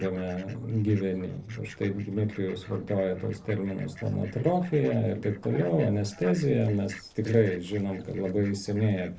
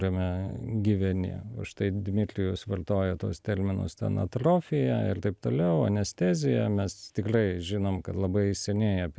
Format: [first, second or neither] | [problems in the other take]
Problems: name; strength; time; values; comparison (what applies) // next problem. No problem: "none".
second | noise reduction (neural separator model SepFormer DNS4)